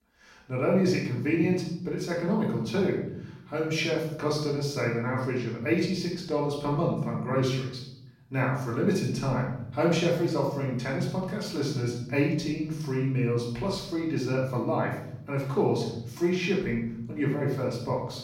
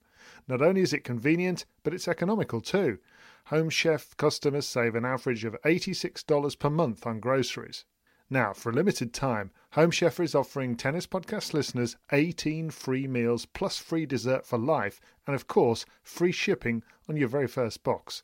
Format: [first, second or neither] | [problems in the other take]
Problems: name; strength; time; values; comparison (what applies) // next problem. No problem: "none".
second | off-mic speech; far // room echo; noticeable; dies away in 1 s